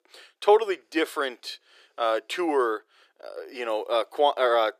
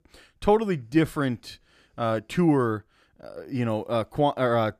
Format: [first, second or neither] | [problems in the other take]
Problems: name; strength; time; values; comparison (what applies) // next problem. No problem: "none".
second | thin; very; fading below 400 Hz